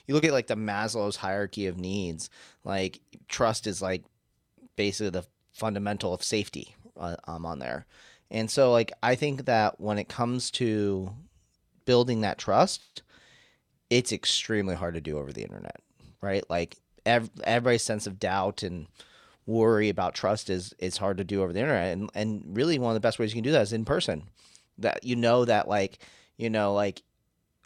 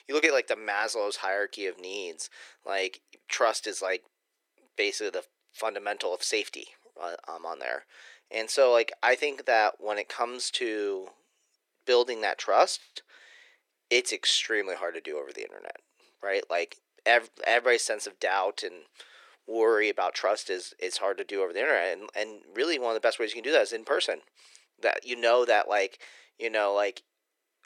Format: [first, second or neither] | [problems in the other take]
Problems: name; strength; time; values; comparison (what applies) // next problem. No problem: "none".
first | thin; very; fading below 350 Hz